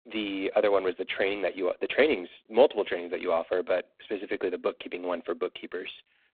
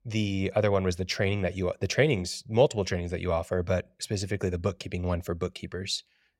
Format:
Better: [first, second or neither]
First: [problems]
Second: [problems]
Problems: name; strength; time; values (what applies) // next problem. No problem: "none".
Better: second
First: phone-call audio; poor line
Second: none